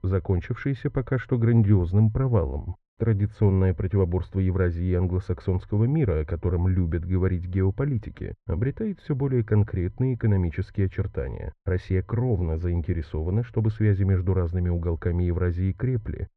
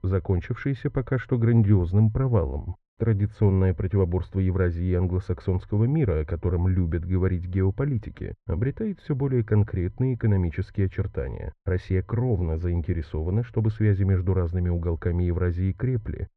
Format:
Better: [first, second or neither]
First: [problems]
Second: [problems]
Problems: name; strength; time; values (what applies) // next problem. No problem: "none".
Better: neither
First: muffled; very; fading above 1.5 kHz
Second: muffled; very; fading above 1.5 kHz